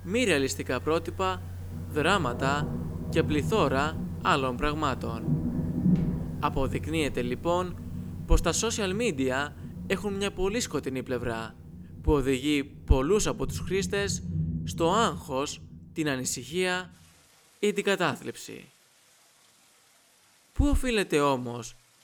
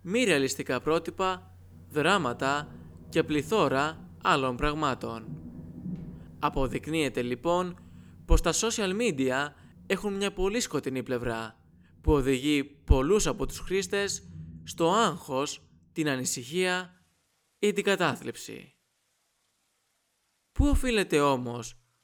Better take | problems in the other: second | rain or running water; loud; throughout; 7 dB below the speech; faint in the second

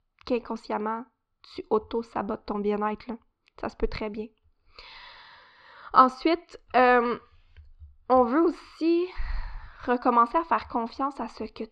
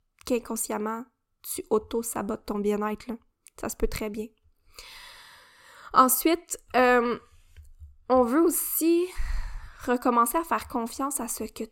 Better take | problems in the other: second | muffled; slightly; fading above 4.5 kHz

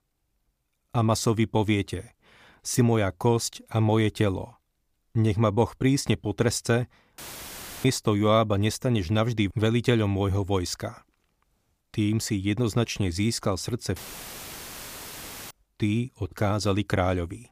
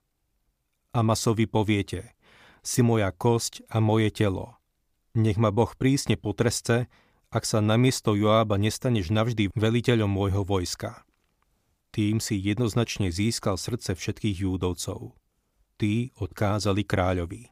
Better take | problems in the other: second | audio cutting out; filled with static; at 7 s for 0.5 s and at 14 s for 1.5 s

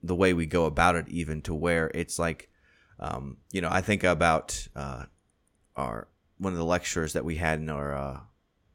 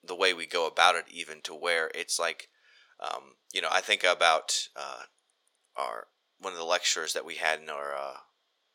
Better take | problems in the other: first | thin; very; fading below 550 Hz

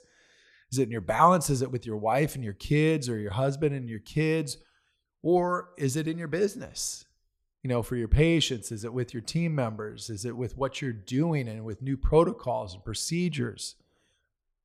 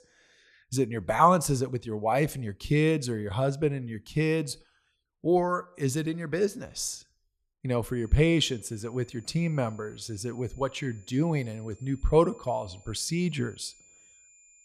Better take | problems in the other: first | high-pitched whine; faint; from 8 s on; 7 kHz, 30 dB below the speech

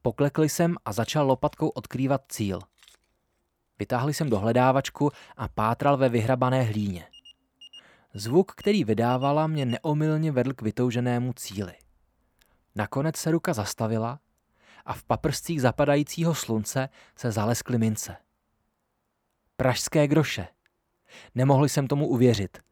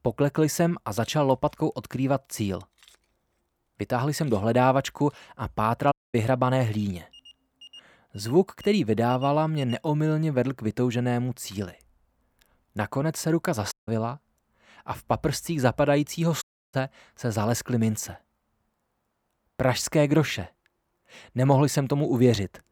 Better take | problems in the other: first | audio cutting out; at 6 s, at 14 s and at 16 s

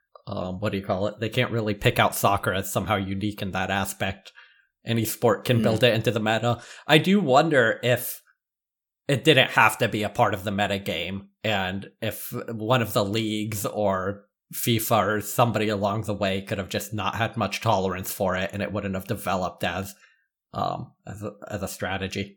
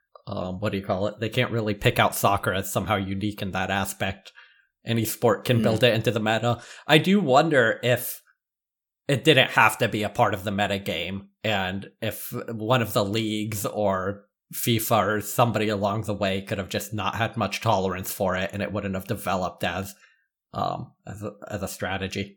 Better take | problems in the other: neither | none

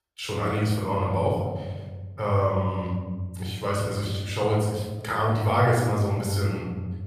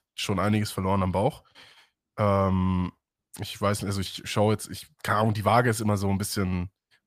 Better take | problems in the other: second | off-mic speech; far // room echo; noticeable; dies away in 1.5 s

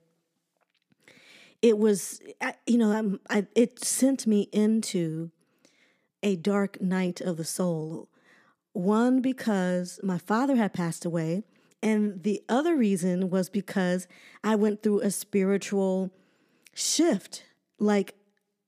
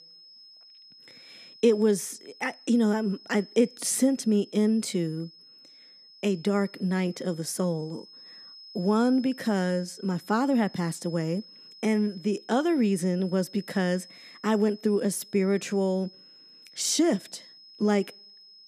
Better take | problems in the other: first | high-pitched whine; faint; throughout; 5 kHz, 20 dB below the speech

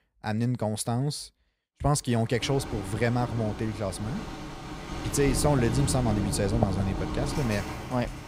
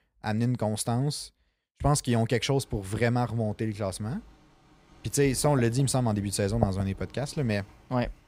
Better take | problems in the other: second | rain or running water; loud; from 2.5 s on; 6 dB below the speech; faint in the second

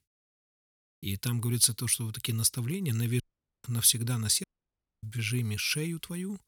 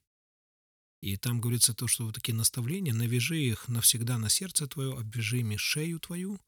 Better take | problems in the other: second | audio cutting out; at 3 s and at 4.5 s for 0.5 s

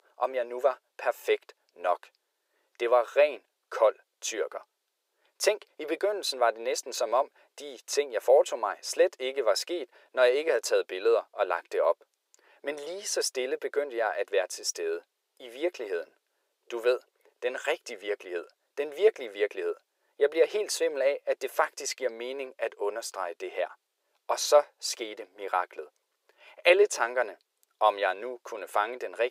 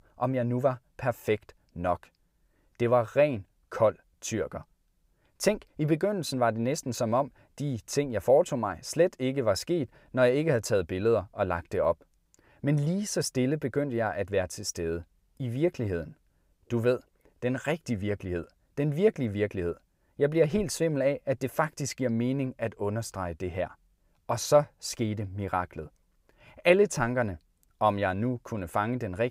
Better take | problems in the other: second | thin; very; fading below 400 Hz

